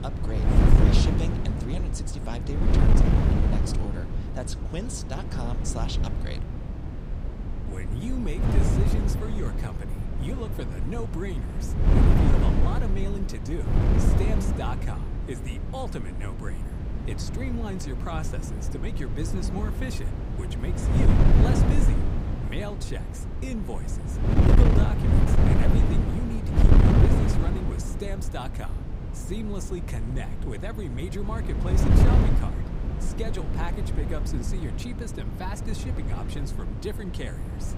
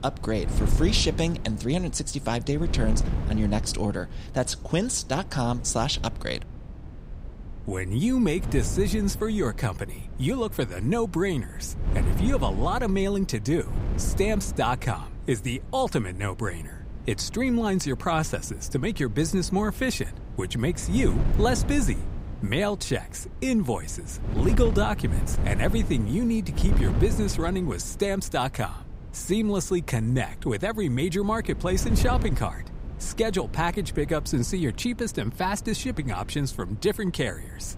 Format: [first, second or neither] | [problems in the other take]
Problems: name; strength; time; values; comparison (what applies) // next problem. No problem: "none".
second | wind noise on the microphone; heavy; 3 dB above the speech; occasional gusts in the second